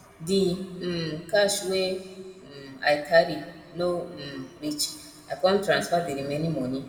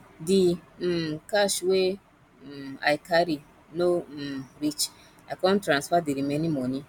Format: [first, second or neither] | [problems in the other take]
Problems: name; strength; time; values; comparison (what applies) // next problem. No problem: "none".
second | room echo; dies away in 1.6 s